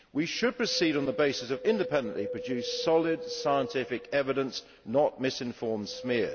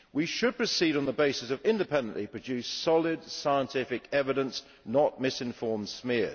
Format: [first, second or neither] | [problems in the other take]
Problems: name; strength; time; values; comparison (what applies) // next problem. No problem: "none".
second | background sound (Wind); 11 dB below the speech